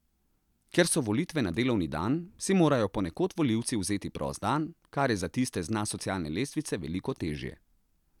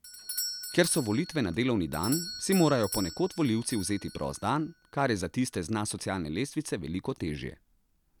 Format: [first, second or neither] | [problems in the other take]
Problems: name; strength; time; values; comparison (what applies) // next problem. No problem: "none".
first | background sound (Doorbell); 13 dB below the speech